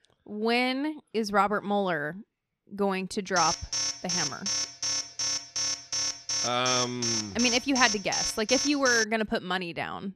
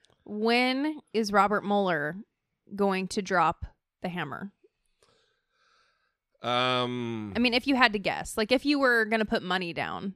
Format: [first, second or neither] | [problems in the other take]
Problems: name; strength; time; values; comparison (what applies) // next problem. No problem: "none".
second | alarm; loud; from 3.5 to 9 s; peak level with the speech